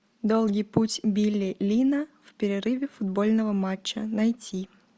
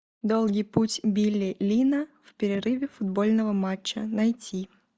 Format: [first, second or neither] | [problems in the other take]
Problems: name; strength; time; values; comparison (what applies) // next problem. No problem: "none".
first | noise reduction (neural mask model DeepFilterNet 3)